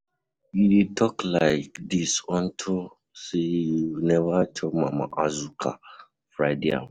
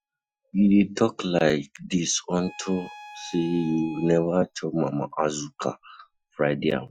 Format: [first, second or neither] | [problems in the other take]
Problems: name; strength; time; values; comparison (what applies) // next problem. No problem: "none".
first | noise reduction (classical method Wiener filter)